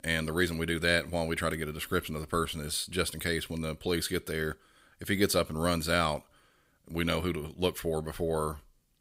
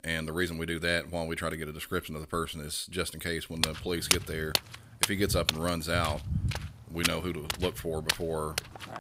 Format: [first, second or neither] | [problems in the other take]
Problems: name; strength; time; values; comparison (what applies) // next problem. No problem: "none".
first | footsteps; loud; from 3.5 s on; peak 5 dB above the speech